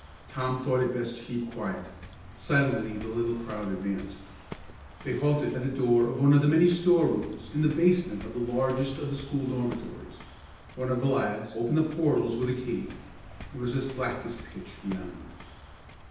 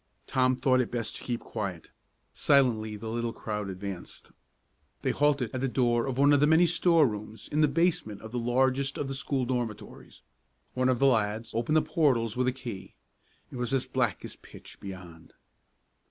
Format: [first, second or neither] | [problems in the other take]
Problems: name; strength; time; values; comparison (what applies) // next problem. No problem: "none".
second | background sound (Waves, surf); 17 dB below the speech // room echo; dies away in 0.9 s